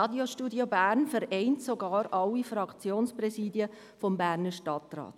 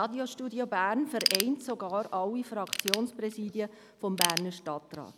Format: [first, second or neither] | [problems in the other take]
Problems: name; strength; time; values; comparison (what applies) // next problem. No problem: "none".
first | background sound (Ratchet, pawl / Tools); 4 dB below the speech